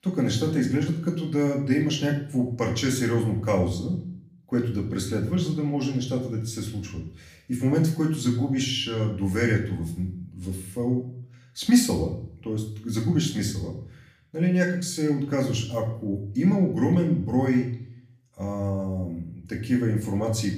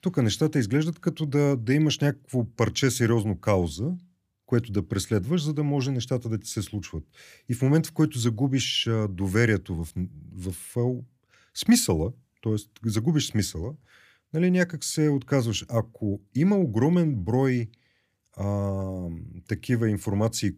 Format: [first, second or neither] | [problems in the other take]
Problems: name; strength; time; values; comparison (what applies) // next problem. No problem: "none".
second | room echo; slight; dies away in 0.5 s // off-mic speech; far